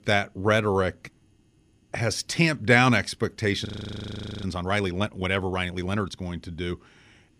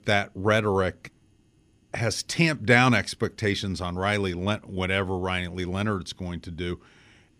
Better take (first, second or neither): second